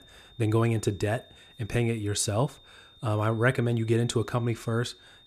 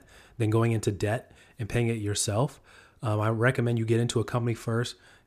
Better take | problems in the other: second | high-pitched whine; faint; throughout; 3.5 kHz, 25 dB below the speech

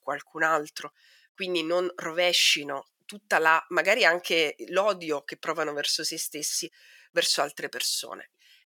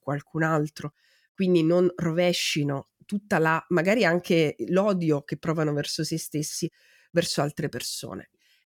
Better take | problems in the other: second | thin; very; fading below 650 Hz

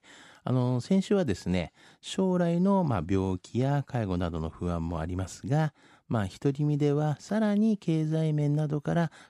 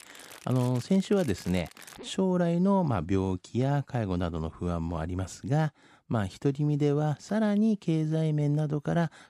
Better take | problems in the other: first | household noises; noticeable; until 2 s; 20 dB below the speech

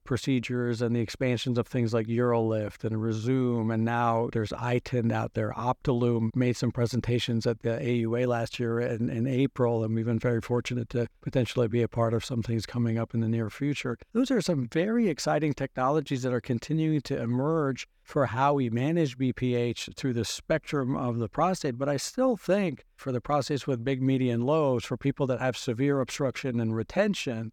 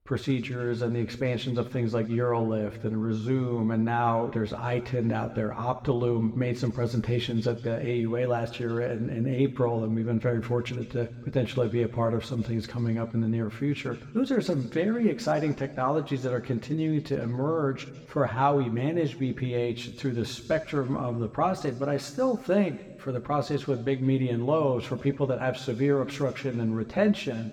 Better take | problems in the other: first | room echo; slight; dies away in 1.2 s

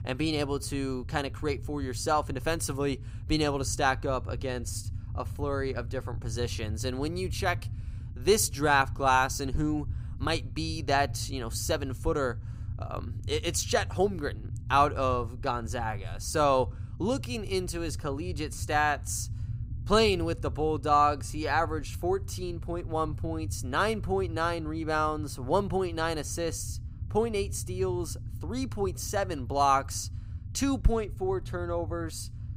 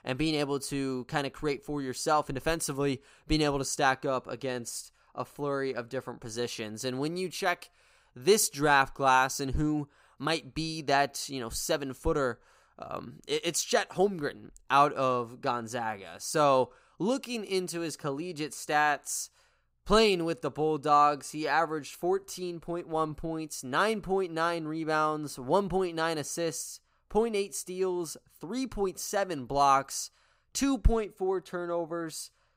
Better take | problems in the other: second | low rumble; faint; throughout; 25 dB below the speech

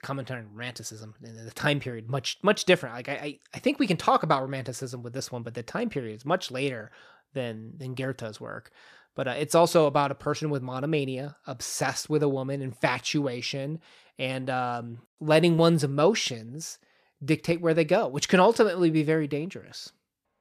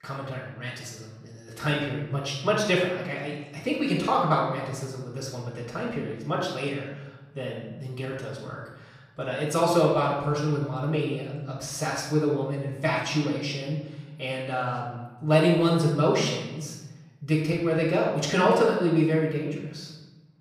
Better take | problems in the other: first | off-mic speech; far // room echo; noticeable; dies away in 1 s

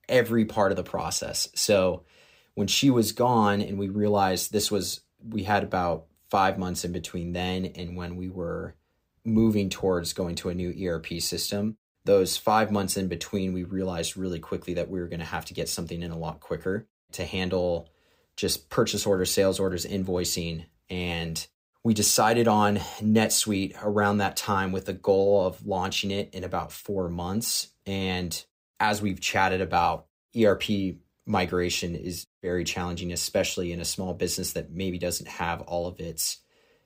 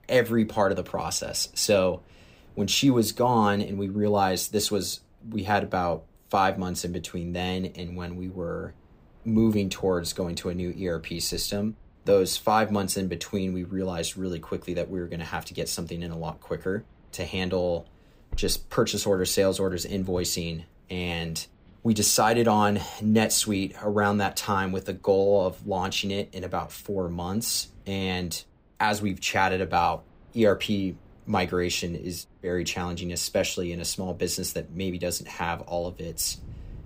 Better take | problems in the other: first | wind in the background; faint; throughout; 25 dB below the speech

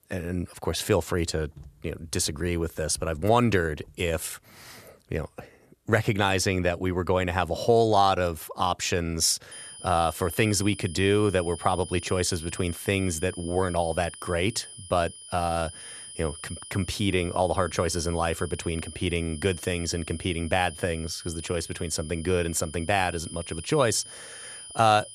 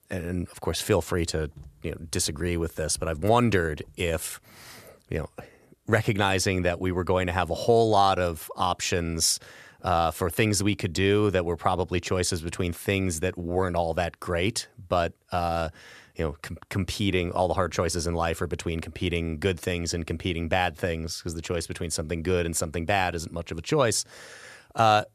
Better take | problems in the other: second | high-pitched whine; noticeable; from 9.5 s on; 9.5 kHz, 15 dB below the speech

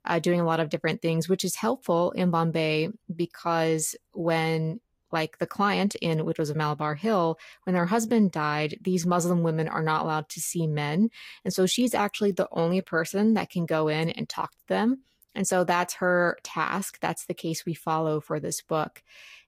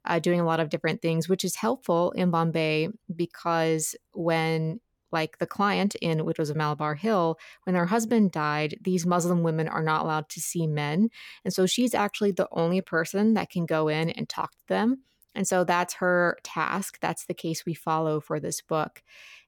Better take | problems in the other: second | garbled, watery; slightly; nothing above 15 kHz

